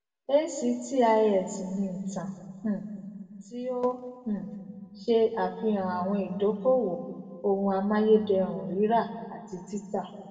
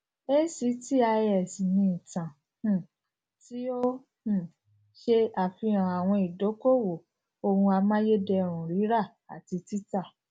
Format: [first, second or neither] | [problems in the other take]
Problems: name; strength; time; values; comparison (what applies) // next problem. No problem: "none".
second | room echo; dies away in 1.6 s